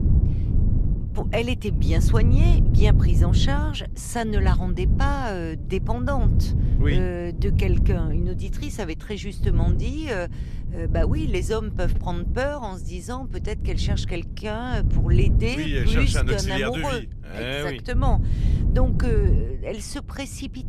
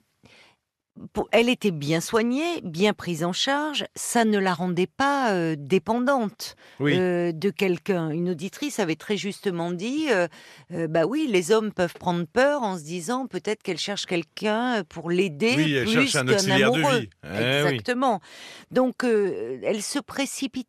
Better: second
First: wind noise on the microphone; heavy; 8 dB below the speech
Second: none

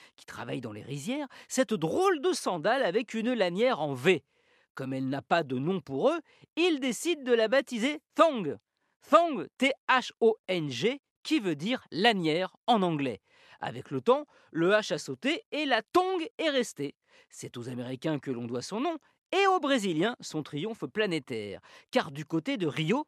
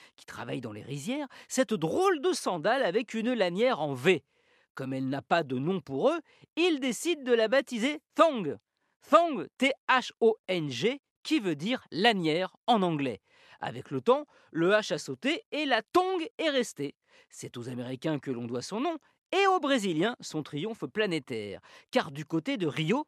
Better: neither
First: none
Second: none

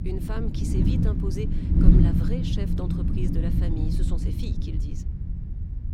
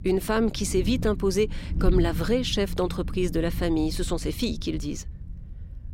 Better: second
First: wind noise on the microphone; heavy; 4 dB above the speech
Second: wind noise on the microphone; occasional gusts; 15 dB below the speech

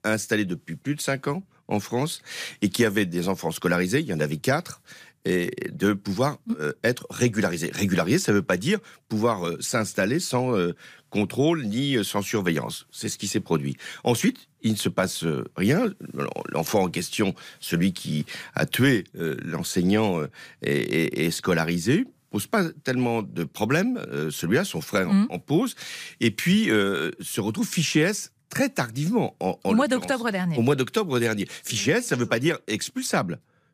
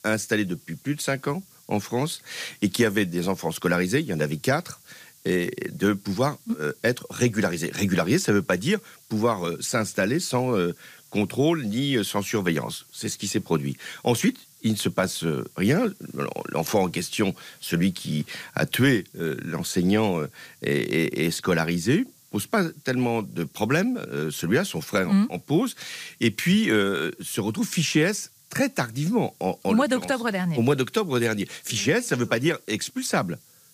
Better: first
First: none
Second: hiss; faint; throughout; 25 dB below the speech

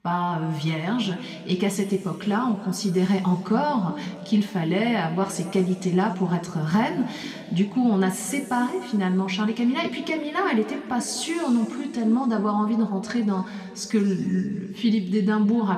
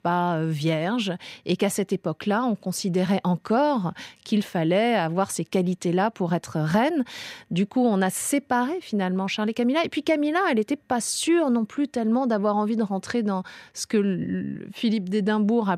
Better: second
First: room echo; slight; dies away in 2.3 s // off-mic speech; somewhat distant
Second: none

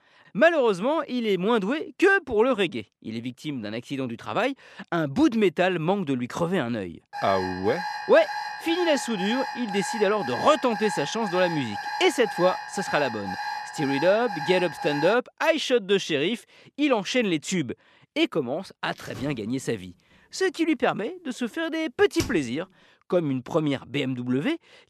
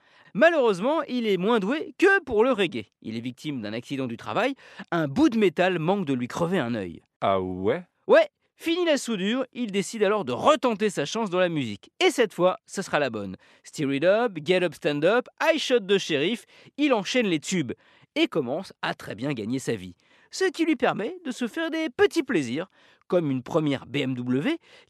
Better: second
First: alarm; noticeable; from 7 to 15 s; peak 6 dB below the speech // door banging; noticeable; from 19 to 22 s; peak 9 dB below the speech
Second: none

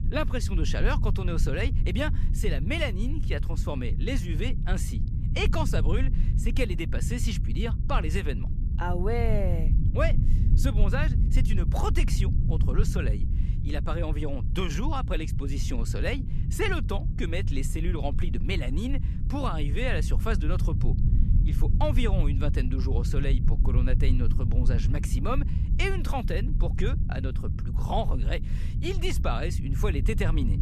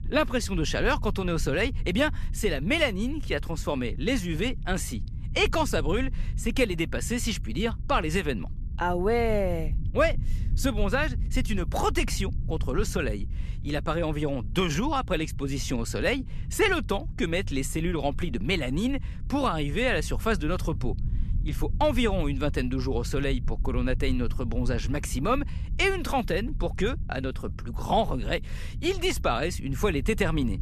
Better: second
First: low rumble; loud; throughout; 9 dB below the speech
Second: low rumble; faint; throughout; 20 dB below the speech

